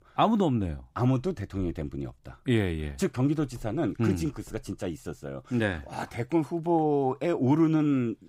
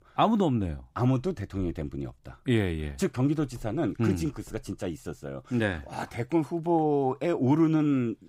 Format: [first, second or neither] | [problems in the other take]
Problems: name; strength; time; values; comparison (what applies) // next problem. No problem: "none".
neither | none